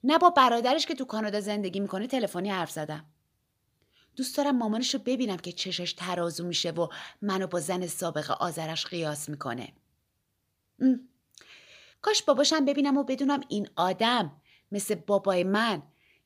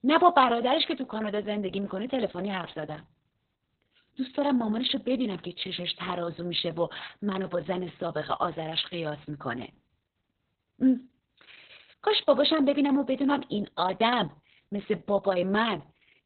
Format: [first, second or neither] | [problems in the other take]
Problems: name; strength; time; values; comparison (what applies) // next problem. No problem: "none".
first | garbled, watery; badly; nothing above 4 kHz